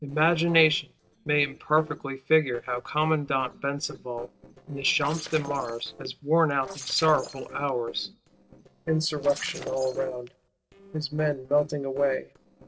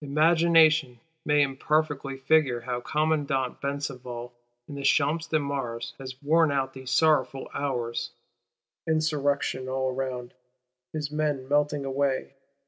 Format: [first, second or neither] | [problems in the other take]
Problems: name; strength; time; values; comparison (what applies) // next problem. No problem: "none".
second | noise reduction (neural separator model SepFormer DNS4)